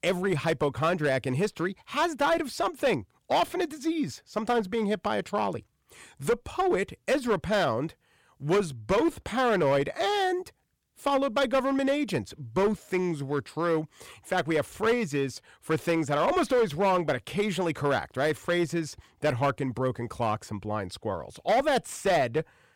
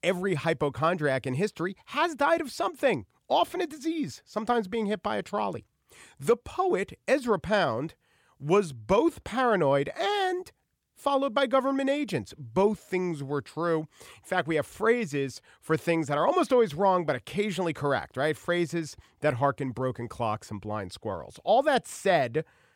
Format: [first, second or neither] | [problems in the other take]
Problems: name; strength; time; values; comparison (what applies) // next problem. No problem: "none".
second | distortion; slight; 7% of the sound clipped